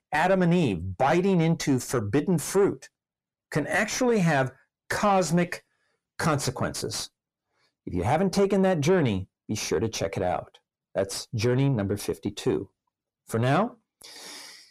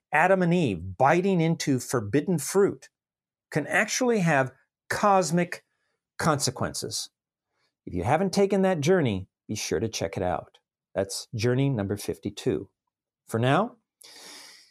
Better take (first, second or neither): second